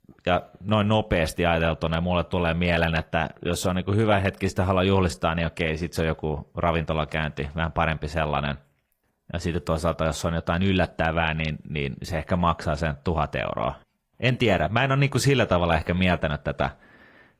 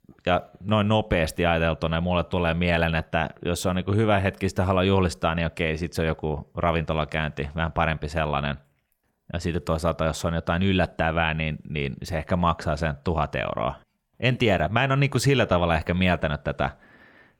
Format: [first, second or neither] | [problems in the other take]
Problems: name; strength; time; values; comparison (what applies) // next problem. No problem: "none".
second | garbled, watery; slightly; nothing above 15 kHz